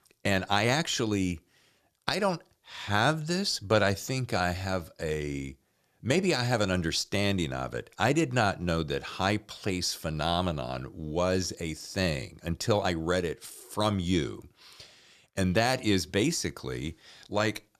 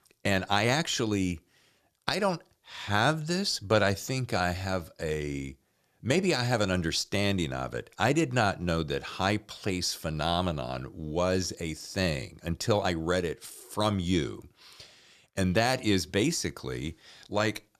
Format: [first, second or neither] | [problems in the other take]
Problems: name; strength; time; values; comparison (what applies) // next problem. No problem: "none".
neither | none